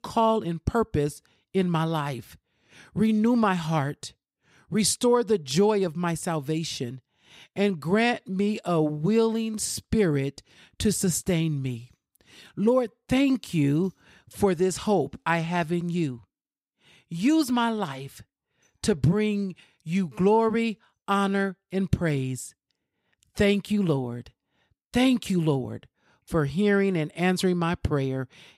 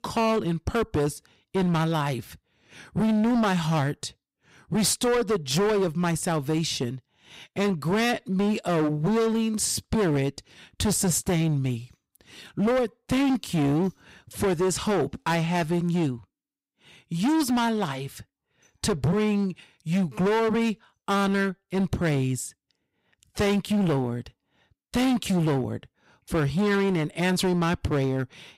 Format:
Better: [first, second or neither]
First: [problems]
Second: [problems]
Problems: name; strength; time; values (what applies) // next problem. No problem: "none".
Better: first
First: none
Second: distortion; heavy; 17% of the sound clipped